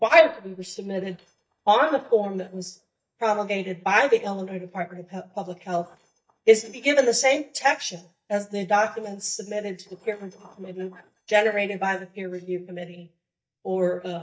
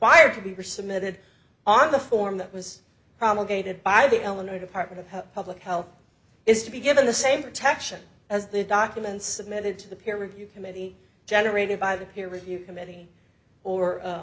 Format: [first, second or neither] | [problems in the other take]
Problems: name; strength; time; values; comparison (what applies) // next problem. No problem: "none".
second | noise reduction (neural mask model DeepFilterNet 3)